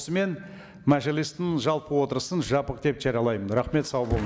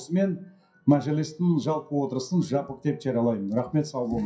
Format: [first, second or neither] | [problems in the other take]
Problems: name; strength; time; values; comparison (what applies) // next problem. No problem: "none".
first | noise reduction (classical method WPE with log-MMSE)